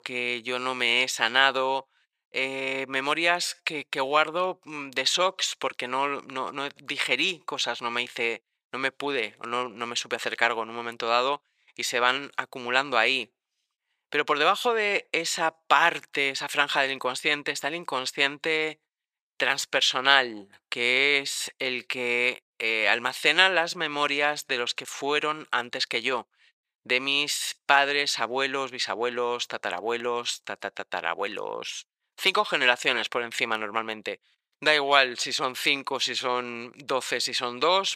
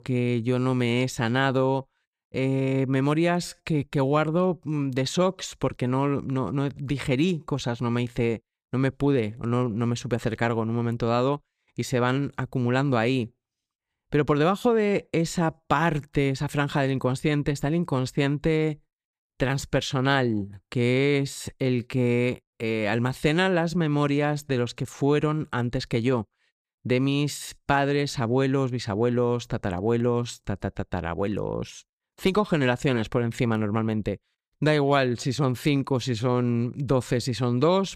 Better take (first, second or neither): second